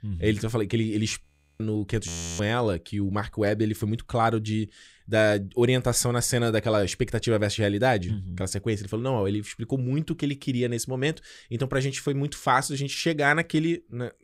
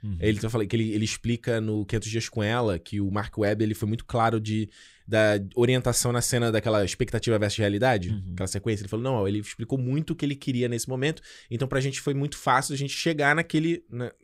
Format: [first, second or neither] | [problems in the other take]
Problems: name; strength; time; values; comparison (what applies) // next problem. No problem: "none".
second | audio freezing; at 1 s and at 2 s